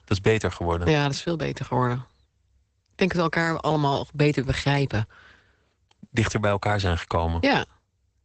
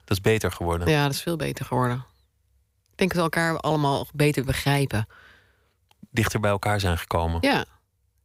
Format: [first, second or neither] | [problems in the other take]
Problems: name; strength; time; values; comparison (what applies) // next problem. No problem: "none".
second | garbled, watery; badly; nothing above 8 kHz